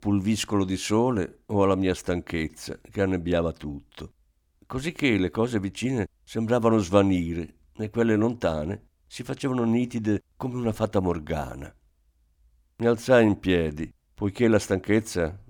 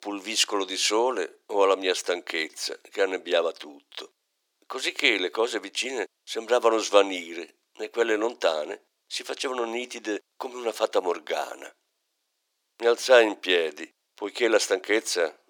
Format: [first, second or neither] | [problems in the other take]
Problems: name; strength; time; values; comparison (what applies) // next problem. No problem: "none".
first | thin; very; fading below 400 Hz